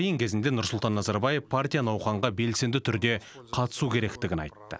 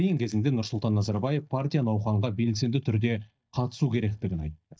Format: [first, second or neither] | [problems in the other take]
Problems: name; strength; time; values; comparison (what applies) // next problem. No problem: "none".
first | noise reduction (neural mask model DeepFilterNet 3)